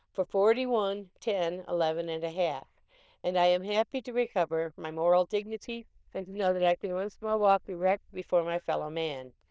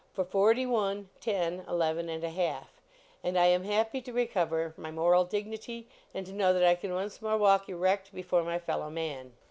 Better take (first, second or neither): second